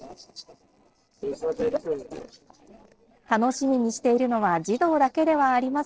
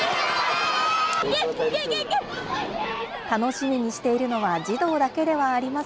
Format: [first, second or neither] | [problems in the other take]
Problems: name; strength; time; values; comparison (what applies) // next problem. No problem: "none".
second | noise reduction (neural separator model SepFormer DNS4)